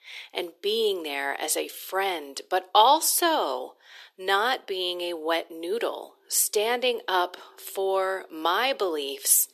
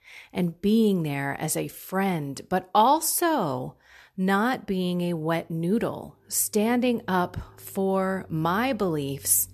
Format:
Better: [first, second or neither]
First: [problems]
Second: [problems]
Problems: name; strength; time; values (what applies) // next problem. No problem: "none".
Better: second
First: thin; very; fading below 350 Hz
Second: none